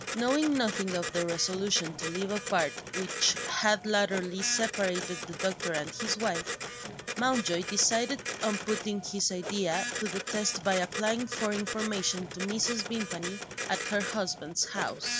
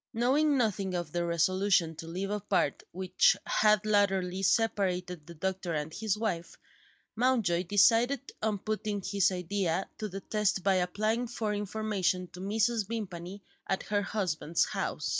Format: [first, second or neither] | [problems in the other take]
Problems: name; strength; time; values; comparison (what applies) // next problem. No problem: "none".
second | background sound (Printer); 6 dB below the speech